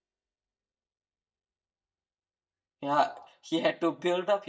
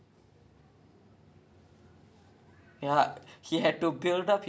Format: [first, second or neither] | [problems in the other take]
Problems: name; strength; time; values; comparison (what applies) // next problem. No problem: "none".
second | noise reduction (neural mask model DeepFilterNet 3)